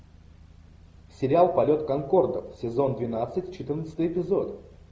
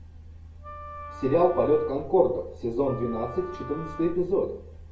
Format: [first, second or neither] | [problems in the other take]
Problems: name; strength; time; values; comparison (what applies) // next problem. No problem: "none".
first | background sound (Wind instrument, woodwind instrument); 15 dB below the speech // room echo; dies away in 0.2 s